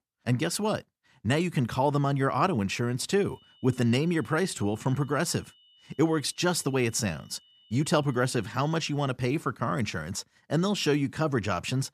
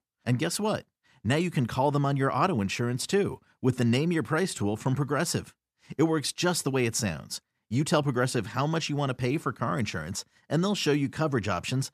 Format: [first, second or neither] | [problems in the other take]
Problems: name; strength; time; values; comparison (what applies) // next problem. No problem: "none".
second | high-pitched whine; faint; from 3.5 to 9 s; 3 kHz, 30 dB below the speech